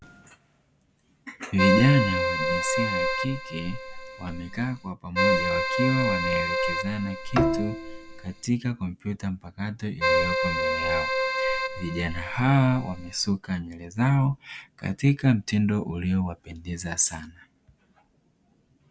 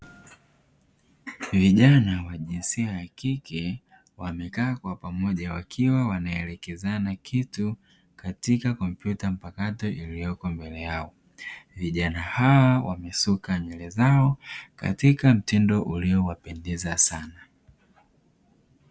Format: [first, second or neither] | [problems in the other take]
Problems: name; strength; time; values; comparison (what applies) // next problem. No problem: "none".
second | background sound (Keyboard (musical) + Bowed string instrument); 1 dB above the speech